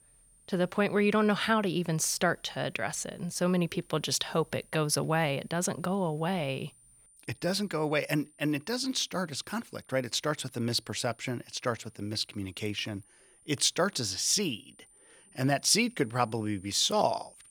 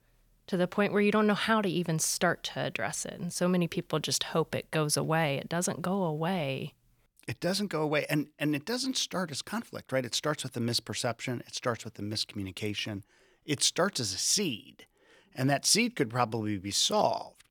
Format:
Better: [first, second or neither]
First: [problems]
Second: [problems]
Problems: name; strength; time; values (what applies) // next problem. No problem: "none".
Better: second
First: high-pitched whine; faint; throughout; 9 kHz, 30 dB below the speech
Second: none